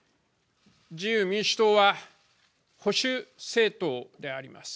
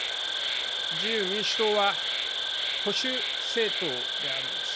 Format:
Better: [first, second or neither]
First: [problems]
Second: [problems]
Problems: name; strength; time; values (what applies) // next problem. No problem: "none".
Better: first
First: none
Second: background sound (Insect); 2 dB above the speech